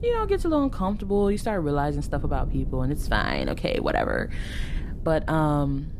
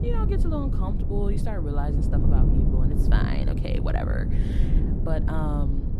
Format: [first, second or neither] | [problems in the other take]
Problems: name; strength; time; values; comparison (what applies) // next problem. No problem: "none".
first | low rumble; loud; throughout; 2 dB below the speech; faint in the first